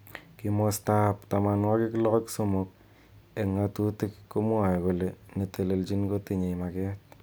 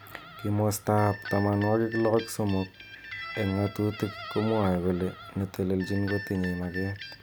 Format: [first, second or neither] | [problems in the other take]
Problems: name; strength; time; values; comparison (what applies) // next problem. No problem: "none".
first | background sound (Guitar); 14 dB below the speech